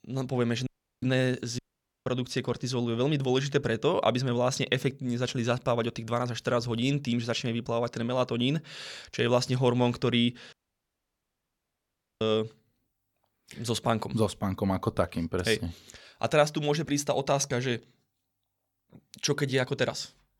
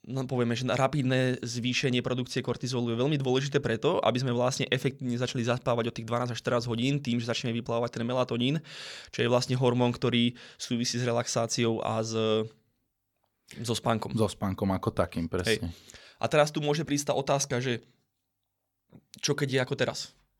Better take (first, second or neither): second